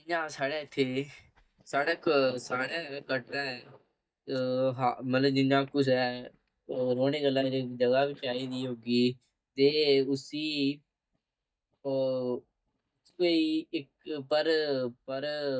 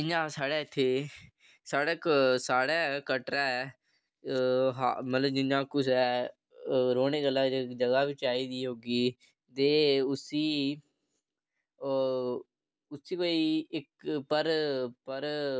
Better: second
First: noise reduction (neural mask model DeepFilterNet 3)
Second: none

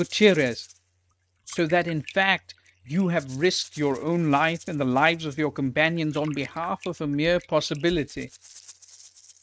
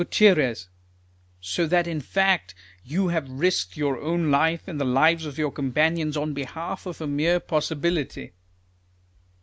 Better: second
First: noise reduction (neural mask model RNNoise)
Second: none

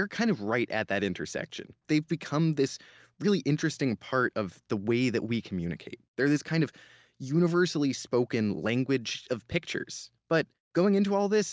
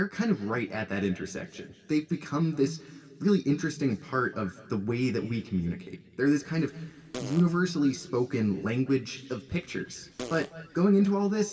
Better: first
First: none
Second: background sound (Fart); 17 dB below the speech // room echo; dies away in 2 s

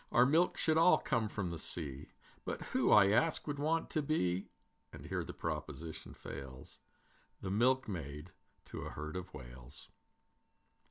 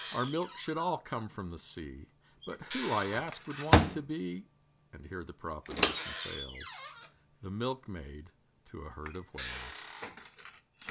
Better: first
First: none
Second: background sound (Microwave oven); 4 dB above the speech

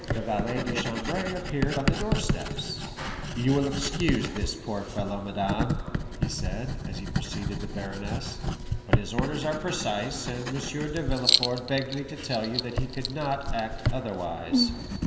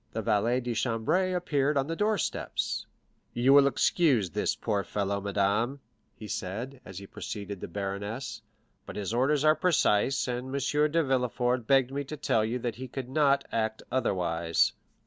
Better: second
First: background sound (Writing); 1 dB above the speech // room echo; dies away in 2.4 s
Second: none

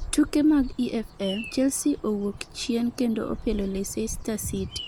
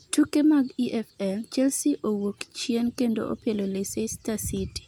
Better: second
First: background sound (Bird vocalization, bird call, bird song); 13 dB below the speech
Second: none

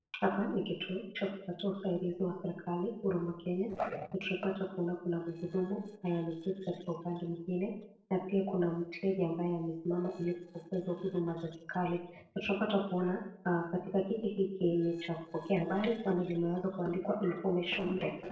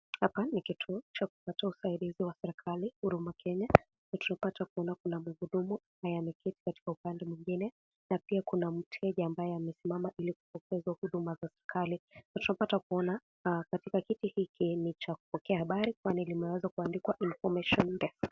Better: second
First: noise reduction (neural separator model SepFormer DNS4)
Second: none

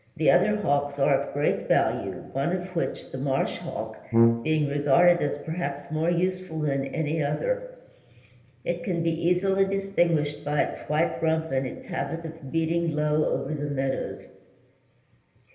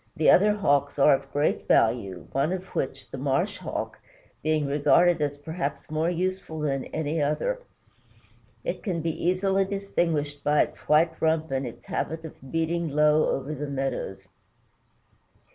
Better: second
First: background sound (Brass instrument); 2 dB above the speech // room echo; dies away in 0.8 s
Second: none

